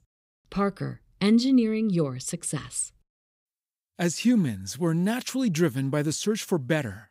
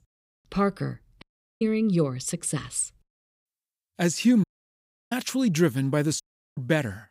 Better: first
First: none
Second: audio cutting out; at 1 s, at 4.5 s for 0.5 s and at 6 s

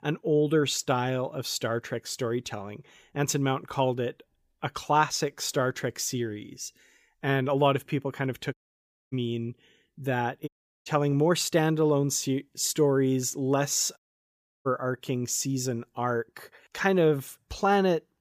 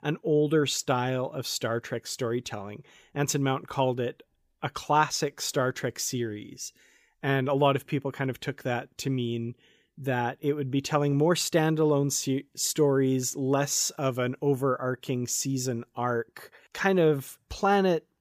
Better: second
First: audio cutting out; at 8.5 s for 0.5 s, at 10 s and at 14 s for 0.5 s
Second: none

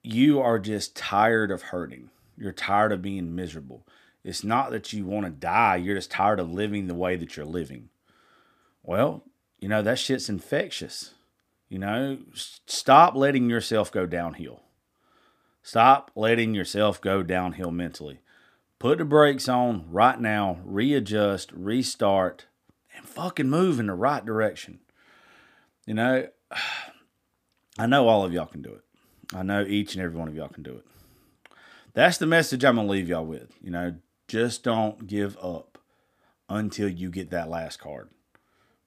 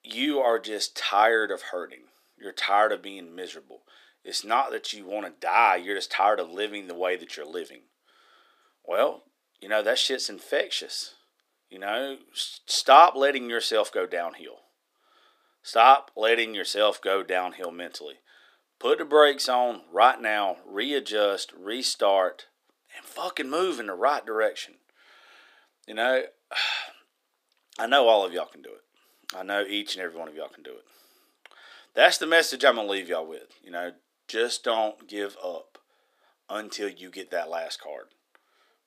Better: first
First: none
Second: thin; very; fading below 400 Hz

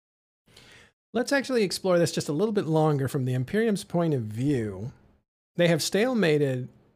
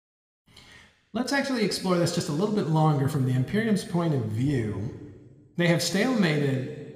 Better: first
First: none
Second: room echo; slight; dies away in 1.3 s

